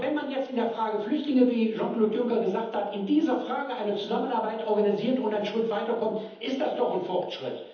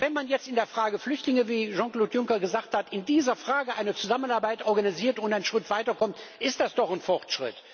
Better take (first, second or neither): second